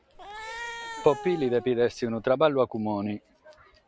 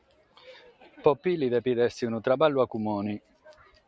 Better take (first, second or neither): second